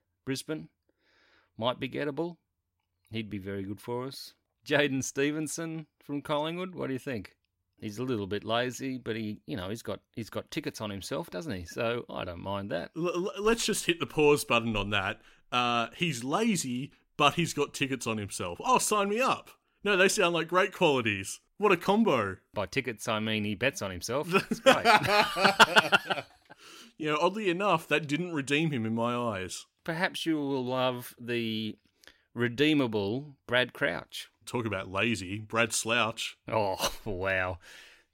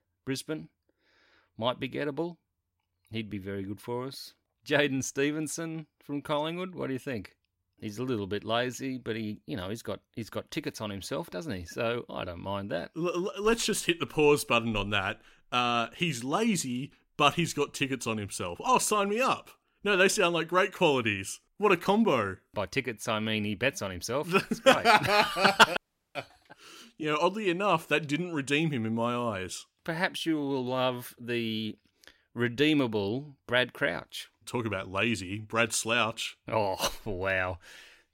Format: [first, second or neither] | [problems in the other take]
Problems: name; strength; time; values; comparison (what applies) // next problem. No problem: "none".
first | audio cutting out; at 26 s